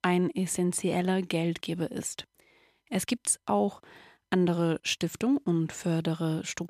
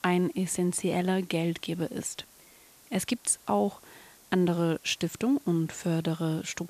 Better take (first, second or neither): first